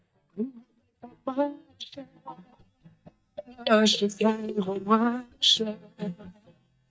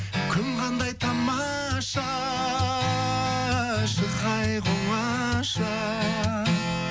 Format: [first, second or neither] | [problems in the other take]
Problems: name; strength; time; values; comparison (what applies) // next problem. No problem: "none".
second | noise reduction (neural mask model DeepFilterNet 3)